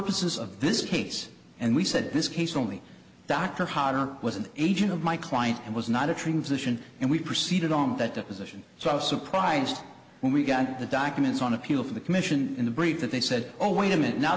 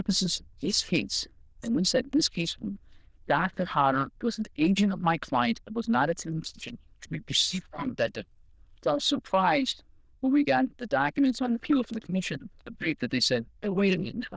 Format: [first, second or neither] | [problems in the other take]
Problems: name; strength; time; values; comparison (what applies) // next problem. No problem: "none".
first | noise reduction (neural diffusion model UNIVERSE++)